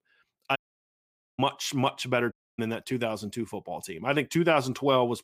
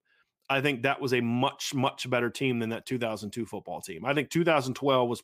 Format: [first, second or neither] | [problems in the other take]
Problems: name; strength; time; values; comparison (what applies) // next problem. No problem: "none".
second | audio cutting out; at 0.5 s for 1 s and at 2.5 s